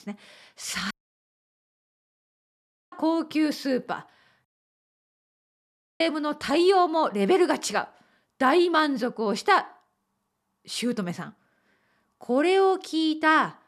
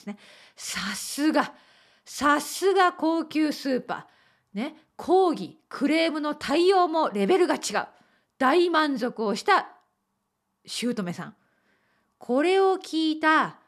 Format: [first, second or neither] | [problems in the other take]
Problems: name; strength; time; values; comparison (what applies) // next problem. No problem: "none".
second | audio cutting out; at 1 s for 2 s and at 4.5 s for 1.5 s